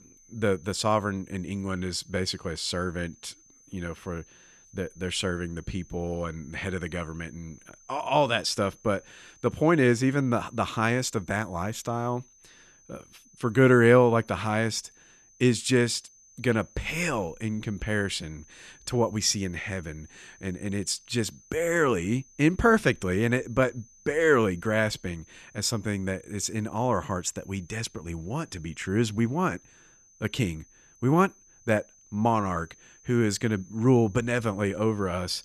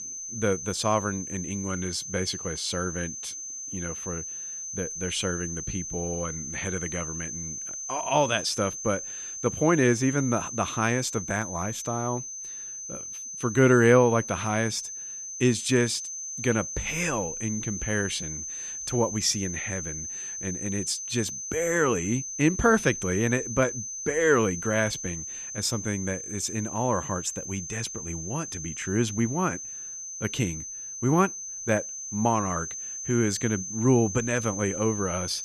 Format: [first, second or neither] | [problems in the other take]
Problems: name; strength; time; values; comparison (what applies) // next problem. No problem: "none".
first | high-pitched whine; loud; throughout; 6 kHz, 6 dB below the speech; faint in the first